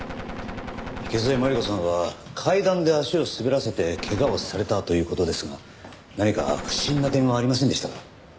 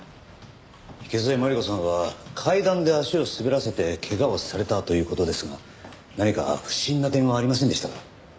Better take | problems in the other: second | background sound (Gunshot, gunfire); 13 dB below the speech

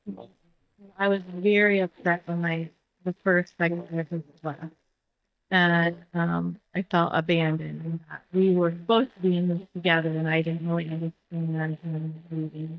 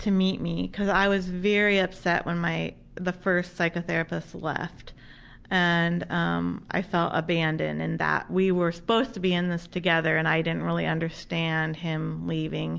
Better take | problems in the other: second | noise reduction (neural mask model DeepFilterNet 3)

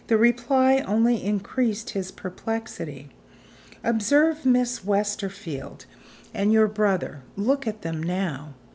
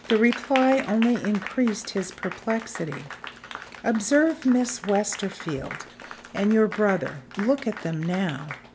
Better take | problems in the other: first | background sound (Applause); 13 dB below the speech

